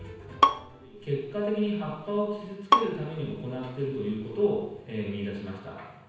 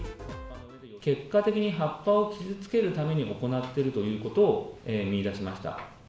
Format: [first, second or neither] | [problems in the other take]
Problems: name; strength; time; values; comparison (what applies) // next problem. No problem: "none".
second | background sound (Bowed string instrument); 1 dB above the speech // room echo; dies away in 0.9 s